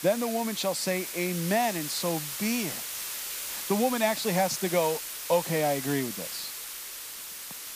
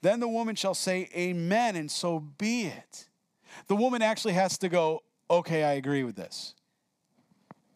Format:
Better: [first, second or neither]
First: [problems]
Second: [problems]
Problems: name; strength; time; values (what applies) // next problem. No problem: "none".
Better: second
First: hiss; loud; throughout; 5 dB below the speech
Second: none